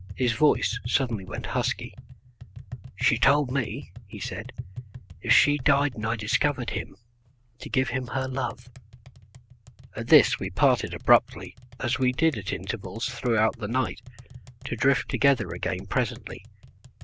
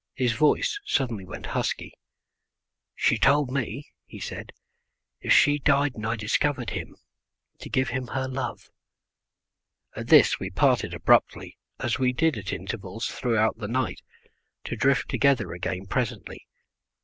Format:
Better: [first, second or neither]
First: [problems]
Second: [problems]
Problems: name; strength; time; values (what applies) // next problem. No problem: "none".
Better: second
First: background sound (Tap); 15 dB below the speech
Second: none